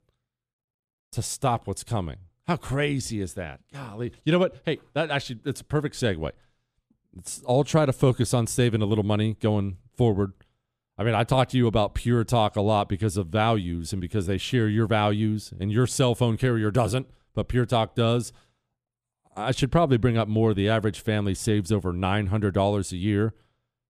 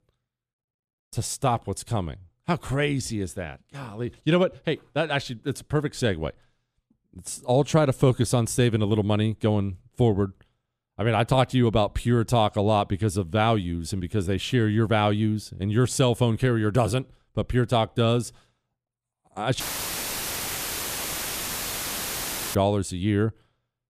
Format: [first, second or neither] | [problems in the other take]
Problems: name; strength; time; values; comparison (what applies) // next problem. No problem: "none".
first | audio cutting out; filled with static; at 20 s for 3 s